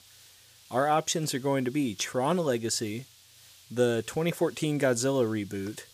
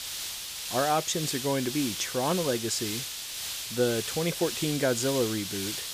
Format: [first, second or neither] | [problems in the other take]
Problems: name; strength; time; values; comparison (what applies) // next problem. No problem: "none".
first | hiss; loud; throughout; 4 dB below the speech; faint in the first